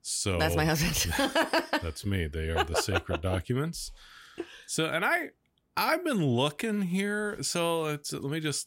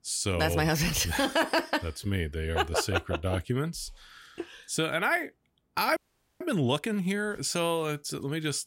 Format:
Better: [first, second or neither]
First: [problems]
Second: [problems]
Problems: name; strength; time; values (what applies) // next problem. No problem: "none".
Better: first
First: none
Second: audio freezing; at 6 s